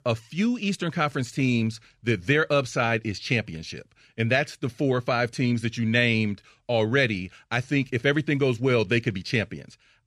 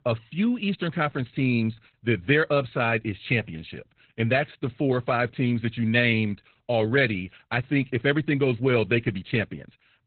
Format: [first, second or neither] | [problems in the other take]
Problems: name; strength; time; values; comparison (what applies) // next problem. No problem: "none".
first | garbled, watery; badly; nothing above 4 kHz